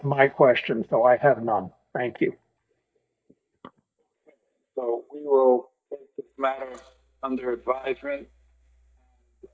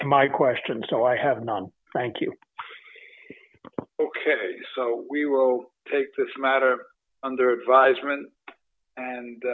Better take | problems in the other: second | noise reduction (neural mask model DeepFilterNet 3)

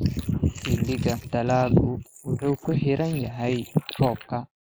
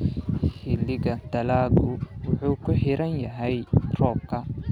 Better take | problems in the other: second | noise reduction (neural mask model Resemble Enhance denoiser)

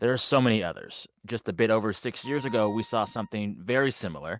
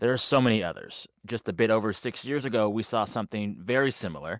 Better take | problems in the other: second | noise reduction (neural mask model RNNoise)

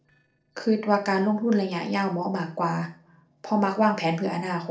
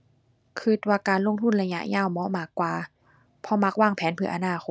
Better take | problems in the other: second | noise reduction (neural separator model SepFormer DNS4)

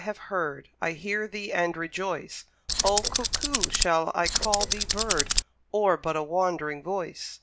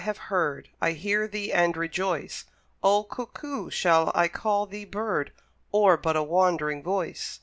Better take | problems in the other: second | background sound (Tools); 2 dB above the speech

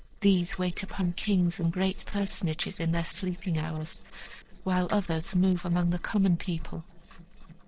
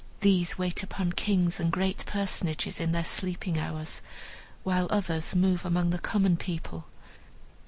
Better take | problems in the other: second | noise reduction (neural separator model SepFormer DNS4)

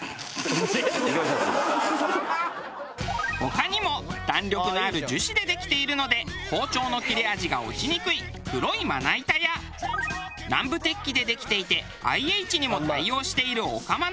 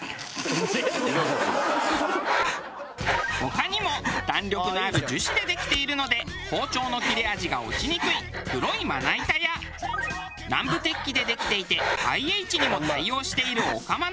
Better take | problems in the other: first | background sound (Breathing); 6 dB below the speech

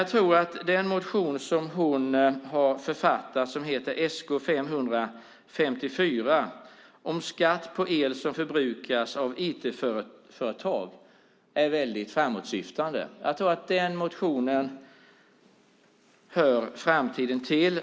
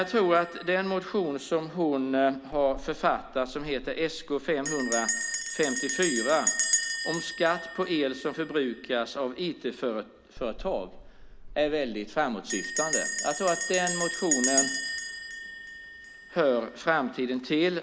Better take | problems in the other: first | background sound (Bell); 5 dB below the speech

